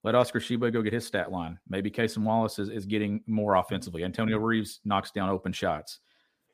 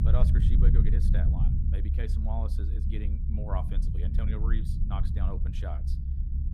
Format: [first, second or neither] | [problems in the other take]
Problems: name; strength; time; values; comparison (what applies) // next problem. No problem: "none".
first | low rumble; loud; throughout; 1 dB below the speech